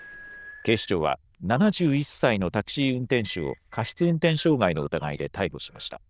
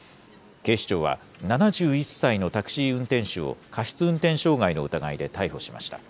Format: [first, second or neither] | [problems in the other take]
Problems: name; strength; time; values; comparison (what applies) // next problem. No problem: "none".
second | noise reduction (neural diffusion model UNIVERSE++)